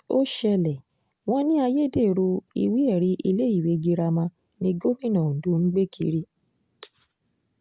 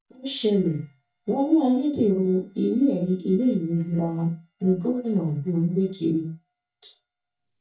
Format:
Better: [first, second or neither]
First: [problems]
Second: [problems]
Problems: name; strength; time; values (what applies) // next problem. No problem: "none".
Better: first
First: none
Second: noise reduction (neural mask model DeepFilterNet 3)